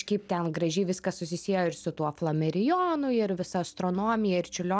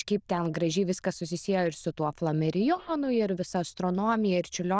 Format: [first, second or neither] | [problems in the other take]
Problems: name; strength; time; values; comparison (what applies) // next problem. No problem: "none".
first | noise reduction (neural diffusion model UNIVERSE++)